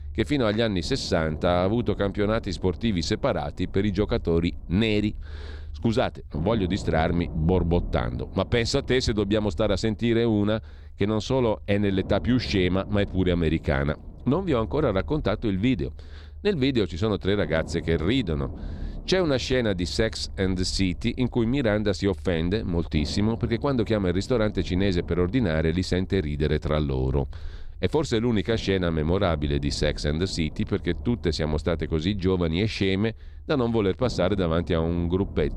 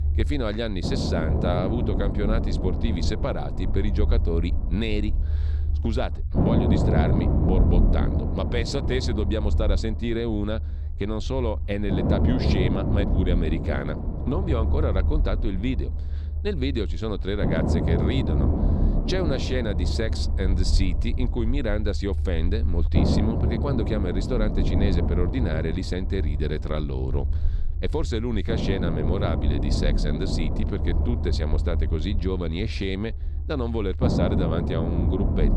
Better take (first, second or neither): first